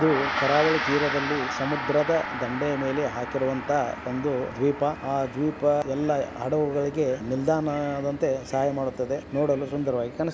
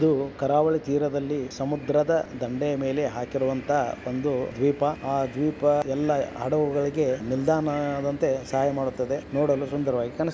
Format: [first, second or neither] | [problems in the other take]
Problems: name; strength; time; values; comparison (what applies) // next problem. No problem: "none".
second | background sound (Gong); 8 dB below the speech